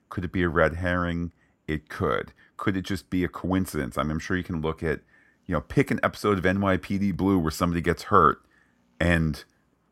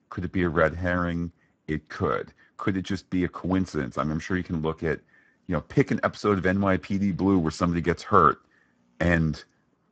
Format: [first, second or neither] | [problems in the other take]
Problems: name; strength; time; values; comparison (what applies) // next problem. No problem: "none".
first | garbled, watery; badly; nothing above 8 kHz